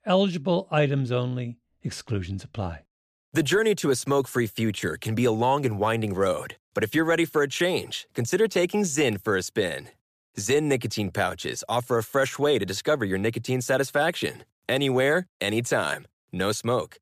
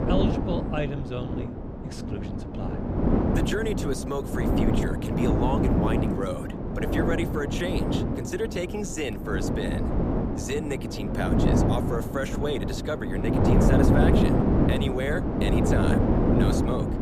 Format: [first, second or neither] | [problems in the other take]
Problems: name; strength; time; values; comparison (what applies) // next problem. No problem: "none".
first | wind noise on the microphone; heavy; 2 dB above the speech